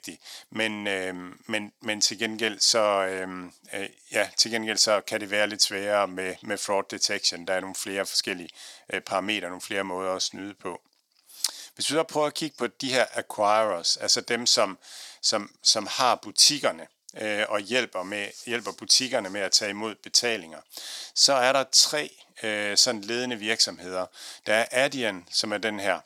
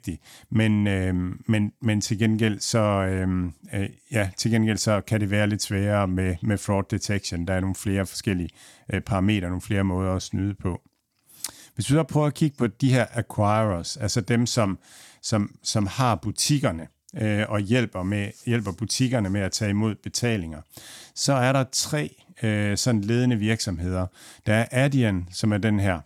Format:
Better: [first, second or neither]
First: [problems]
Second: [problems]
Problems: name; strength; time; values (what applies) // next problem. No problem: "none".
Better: second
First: thin; very; fading below 550 Hz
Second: none